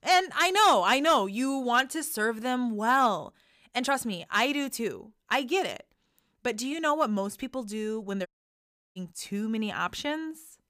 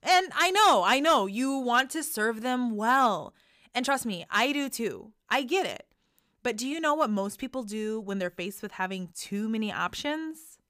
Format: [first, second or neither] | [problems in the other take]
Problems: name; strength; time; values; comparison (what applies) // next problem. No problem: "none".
second | audio cutting out; at 8.5 s for 0.5 s